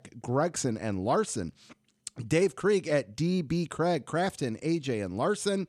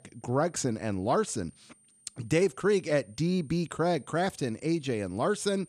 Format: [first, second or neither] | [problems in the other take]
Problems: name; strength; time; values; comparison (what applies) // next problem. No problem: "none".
first | high-pitched whine; faint; throughout; 9 kHz, 30 dB below the speech